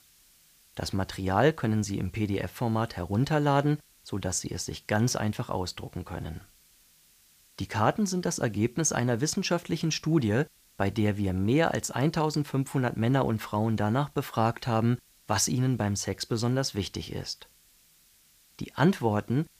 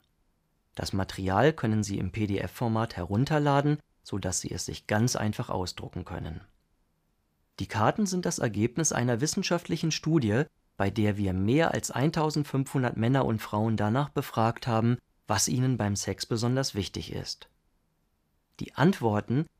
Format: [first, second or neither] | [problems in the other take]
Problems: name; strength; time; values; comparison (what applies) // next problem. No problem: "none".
second | hiss; faint; throughout; 30 dB below the speech